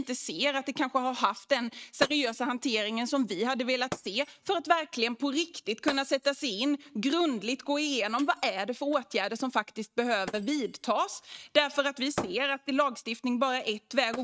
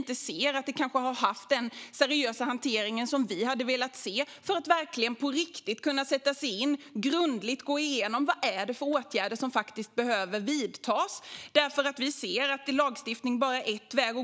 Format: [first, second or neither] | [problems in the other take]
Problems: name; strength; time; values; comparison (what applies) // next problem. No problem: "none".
second | noise reduction (neural mask model RNNoise)